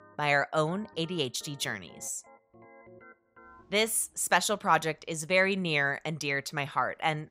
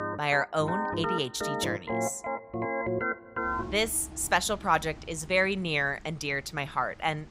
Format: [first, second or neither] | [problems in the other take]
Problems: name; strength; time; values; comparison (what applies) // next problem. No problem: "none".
first | background music; loud; throughout; 4 dB below the speech; faint in the first